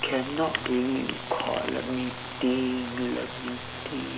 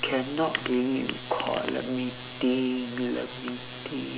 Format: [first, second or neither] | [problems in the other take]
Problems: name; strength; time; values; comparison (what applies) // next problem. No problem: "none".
second | background sound (Aircraft); 12 dB below the speech